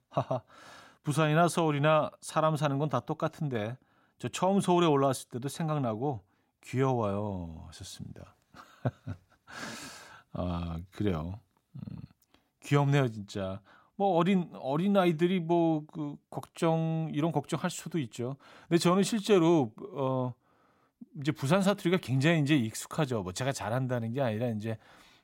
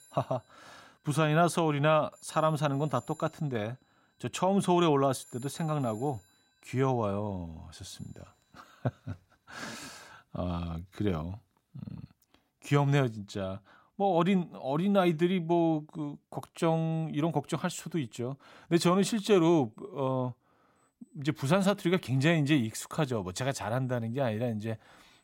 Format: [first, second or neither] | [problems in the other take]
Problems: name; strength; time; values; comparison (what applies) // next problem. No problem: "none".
first | alarms or sirens; faint; throughout; 30 dB below the speech